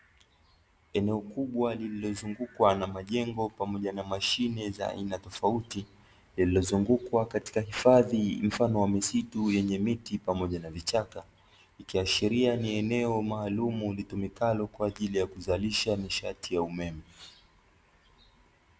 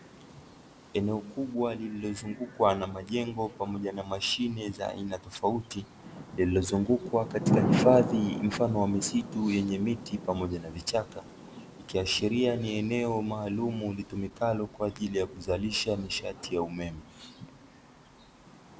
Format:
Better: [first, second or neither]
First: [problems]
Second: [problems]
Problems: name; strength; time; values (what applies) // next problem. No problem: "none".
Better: first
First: none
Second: background sound (Thunder / Rain); 7 dB below the speech